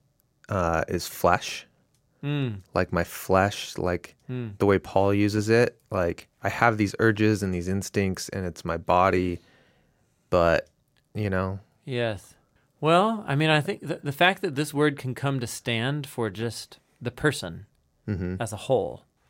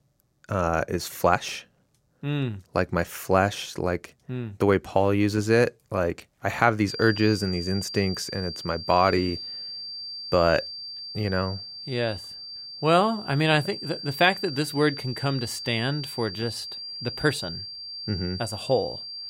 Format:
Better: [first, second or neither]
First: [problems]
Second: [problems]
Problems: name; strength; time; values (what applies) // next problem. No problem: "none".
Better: first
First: none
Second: high-pitched whine; loud; from 7 s on; 4.5 kHz, 9 dB below the speech